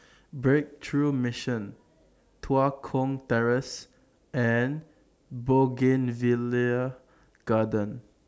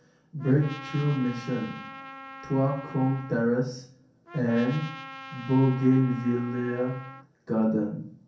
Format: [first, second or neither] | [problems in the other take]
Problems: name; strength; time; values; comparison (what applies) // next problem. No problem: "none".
first | background sound (Trumpet); 16 dB below the speech // room echo; dies away in 0.6 s